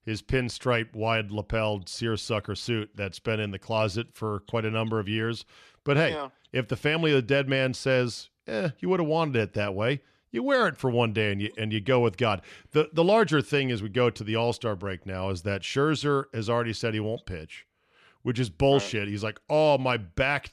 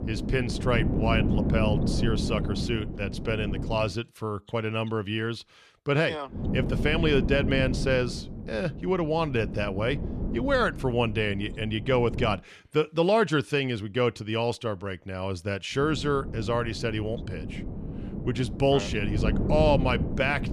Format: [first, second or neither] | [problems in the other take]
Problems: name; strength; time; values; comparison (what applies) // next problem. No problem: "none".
first | wind noise on the microphone; occasional gusts; until 4 s, from 6.5 to 12 s and from 16 s on; 10 dB below the speech